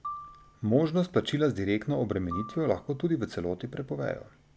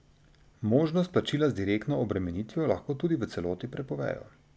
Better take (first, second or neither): second